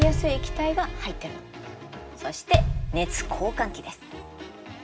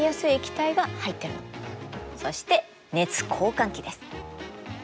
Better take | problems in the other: second | background sound (Bass drum); 1 dB above the speech // room echo; dies away in 0.4 s

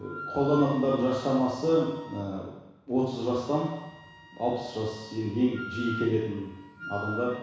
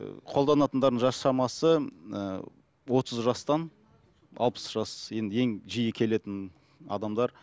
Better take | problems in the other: second | background sound (Wind instrument, woodwind instrument); 15 dB below the speech // room echo; dies away in 1.1 s

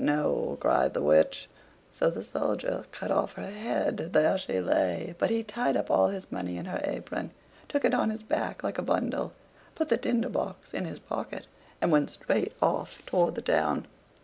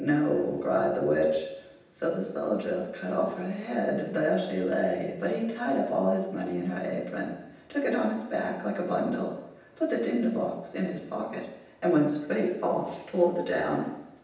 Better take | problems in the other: first | room echo; dies away in 0.9 s

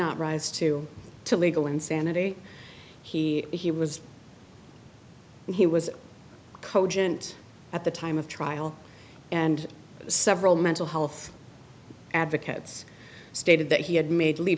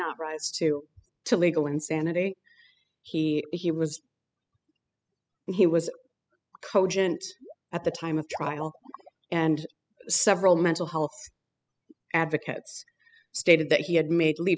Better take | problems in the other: first | noise reduction (classical method spectral subtraction)

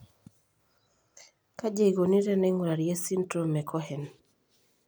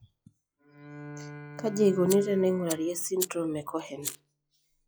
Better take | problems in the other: first | noise reduction (classical method log-MMSE)

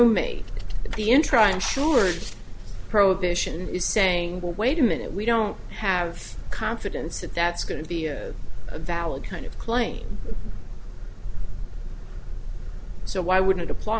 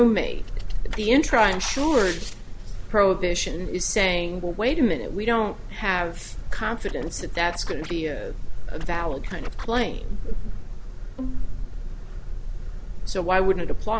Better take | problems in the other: first | background sound (Bowed string instrument + Scratching (performance technique)); 18 dB below the speech

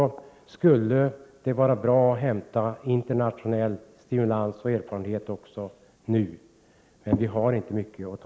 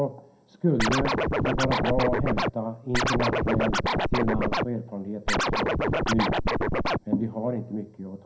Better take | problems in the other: first | background sound (Scratching (performance technique)); 4 dB above the speech // room echo; dies away in 0.3 s

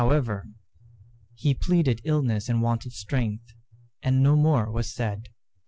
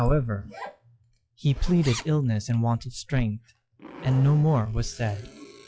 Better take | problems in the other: first | noise reduction (classical method log-MMSE)

